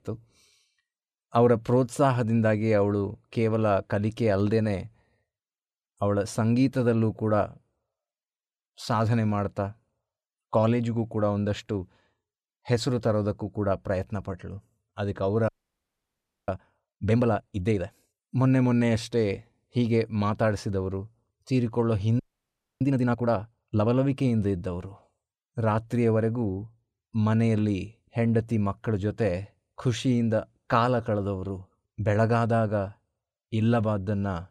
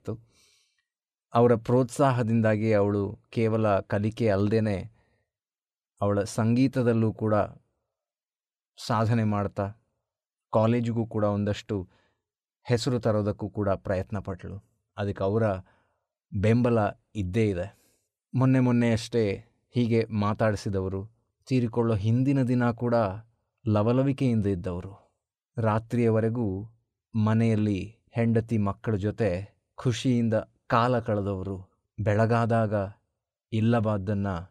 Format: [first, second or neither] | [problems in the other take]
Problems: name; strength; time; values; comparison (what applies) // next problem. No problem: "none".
second | audio freezing; at 15 s for 1 s and at 22 s for 0.5 s